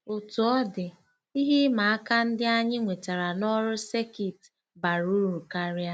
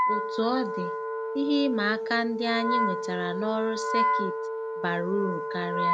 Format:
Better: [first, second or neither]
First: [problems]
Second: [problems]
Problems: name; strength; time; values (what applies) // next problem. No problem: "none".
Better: first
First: none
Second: background sound (Wind instrument, woodwind instrument); as loud as the speech